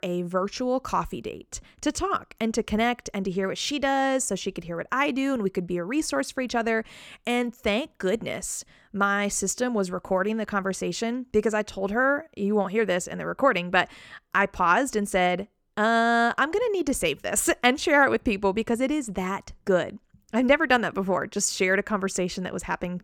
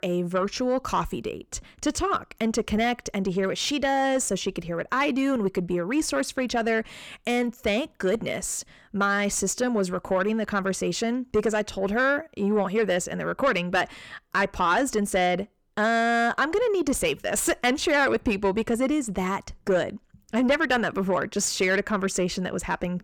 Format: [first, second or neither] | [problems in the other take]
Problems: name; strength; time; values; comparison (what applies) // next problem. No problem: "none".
first | distortion; slight; 10 dB below the speech